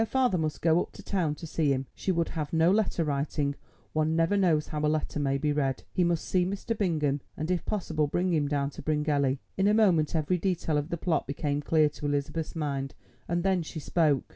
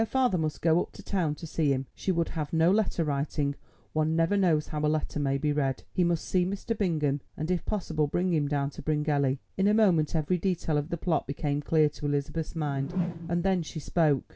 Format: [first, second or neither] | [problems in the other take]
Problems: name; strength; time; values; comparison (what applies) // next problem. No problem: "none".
first | background sound (Whoosh, swoosh, swish); 8 dB below the speech